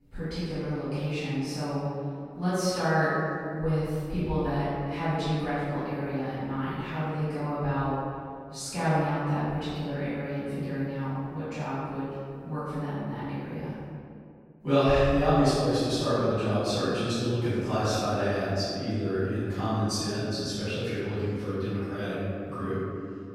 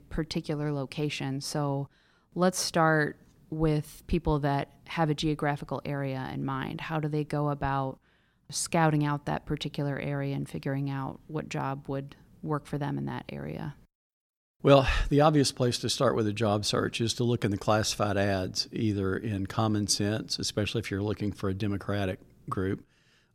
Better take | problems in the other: second | off-mic speech; far // room echo; strong; dies away in 2.2 s

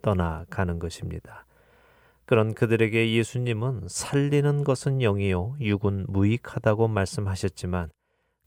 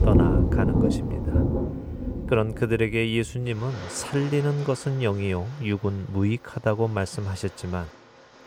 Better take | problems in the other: first | rain or running water; very loud; throughout; 1 dB above the speech

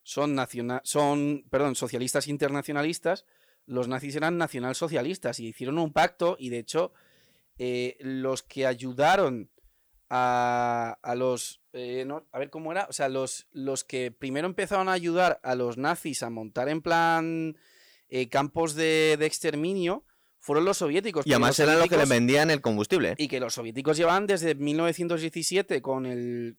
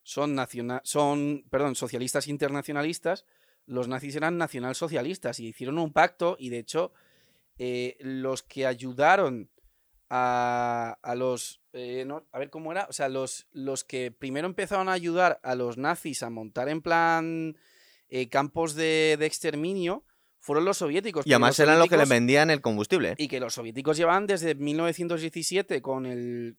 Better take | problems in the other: second | distortion; slight; 2% of the sound clipped

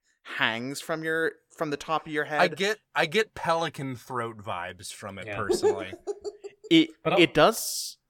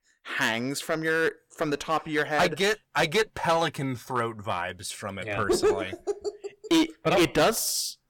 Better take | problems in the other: first | distortion; heavy; 7% of the sound clipped

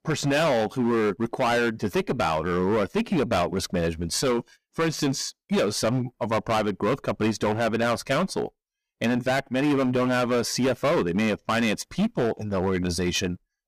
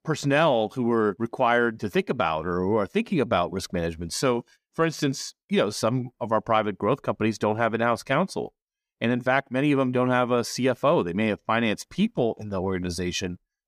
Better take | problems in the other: second | distortion; heavy; 15% of the sound clipped

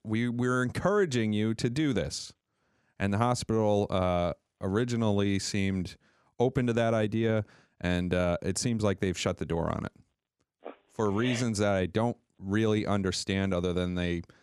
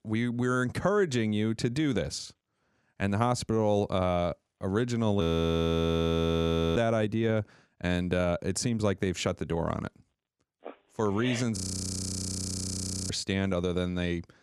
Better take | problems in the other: first | audio freezing; at 5 s for 1.5 s and at 12 s for 1.5 s

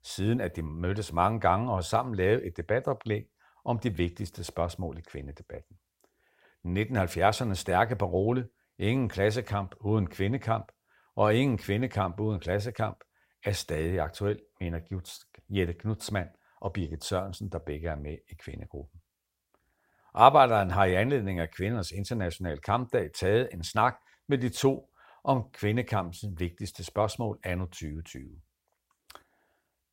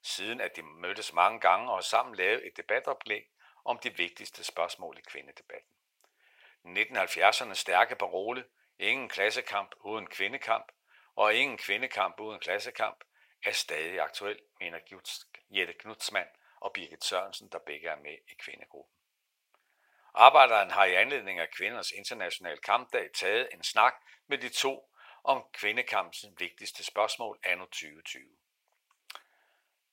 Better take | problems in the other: first | thin; very; fading below 700 Hz

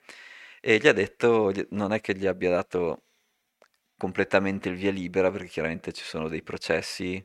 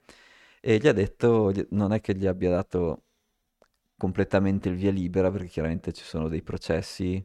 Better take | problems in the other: second | thin; very slightly; fading below 950 Hz

